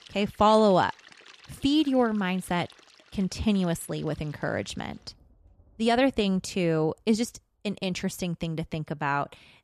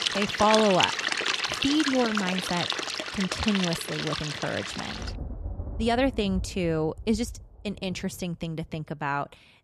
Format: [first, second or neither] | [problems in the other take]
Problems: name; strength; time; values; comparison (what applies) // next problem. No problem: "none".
first | rain or running water; loud; throughout; 1 dB below the speech; faint in the first